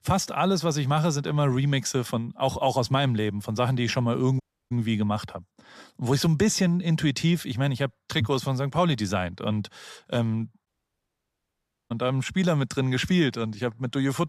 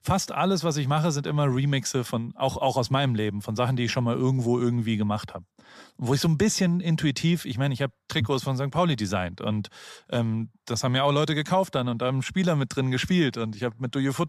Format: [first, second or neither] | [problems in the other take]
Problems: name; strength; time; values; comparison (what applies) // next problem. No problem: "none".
second | audio cutting out; at 4.5 s and at 11 s for 1 s